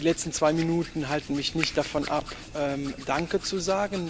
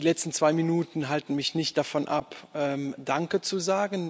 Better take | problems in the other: second | background sound (Hands); 12 dB below the speech

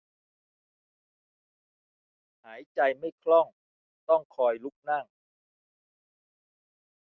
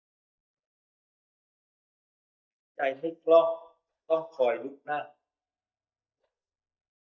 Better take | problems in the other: first | noise reduction (neural mask model DeepFilterNet 3)

